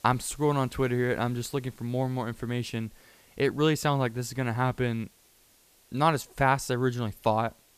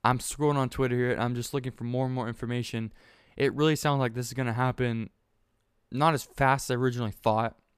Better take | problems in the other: second | hiss; faint; throughout; 30 dB below the speech

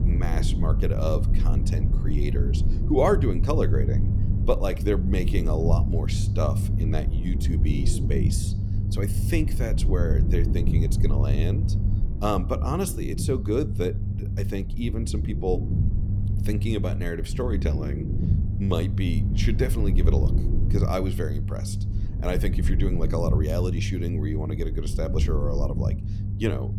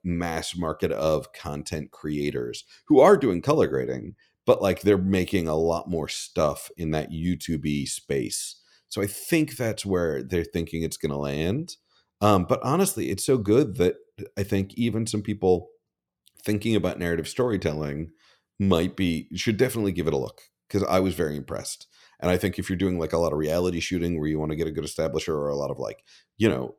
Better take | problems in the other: second | low rumble; loud; throughout; 7 dB below the speech

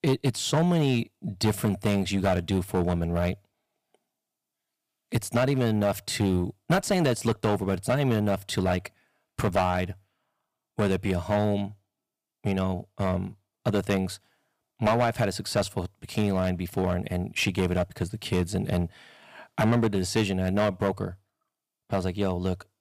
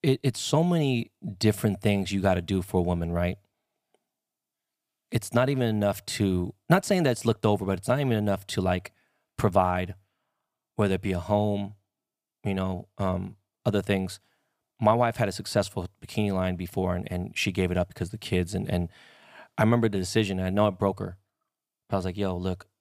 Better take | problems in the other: second | distortion; slight; 6% of the sound clipped

